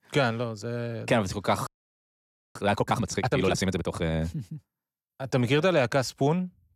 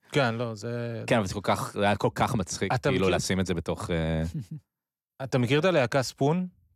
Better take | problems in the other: second | audio freezing; at 1.5 s for 1 s

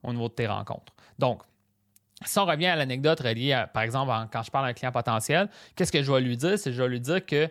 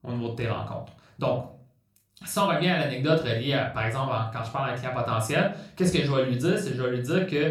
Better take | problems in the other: first | off-mic speech; somewhat distant // room echo; slight; dies away in 0.4 s

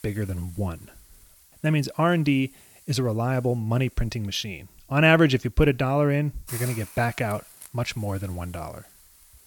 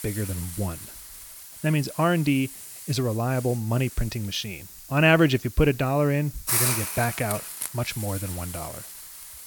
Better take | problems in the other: first | hiss; loud; throughout; 7 dB below the speech; faint in the first

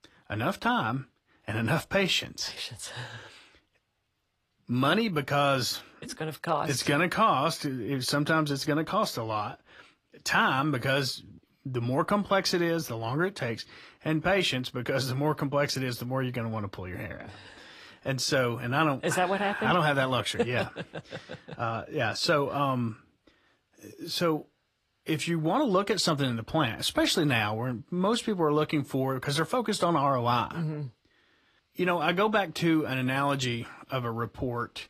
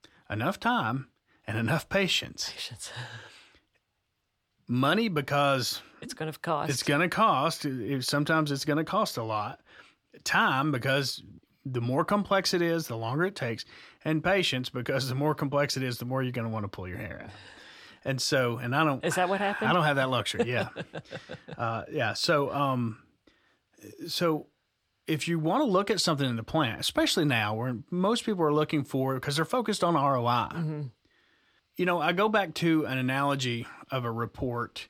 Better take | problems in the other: second | garbled, watery; slightly; nothing above 13 kHz

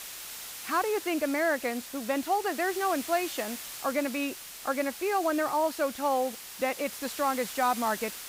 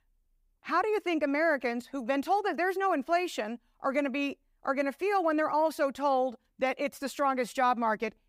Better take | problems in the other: second | hiss; loud; throughout; 9 dB below the speech

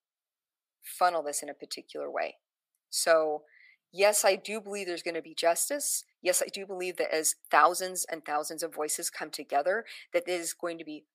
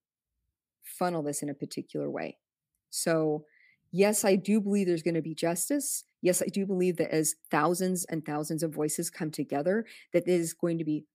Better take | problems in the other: second | thin; very; fading below 700 Hz

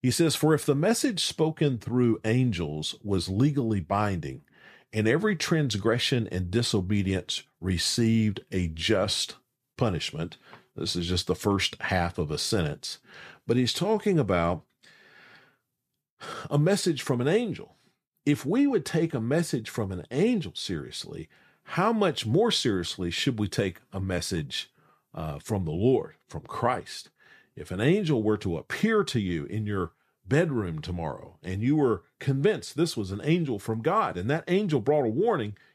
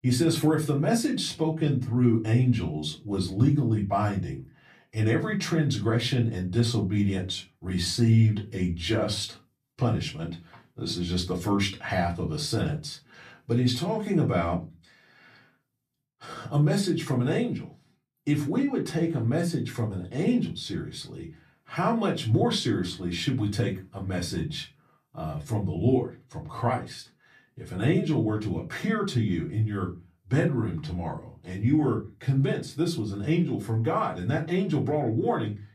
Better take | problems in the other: first | off-mic speech; far // room echo; very slight; dies away in 0.3 s

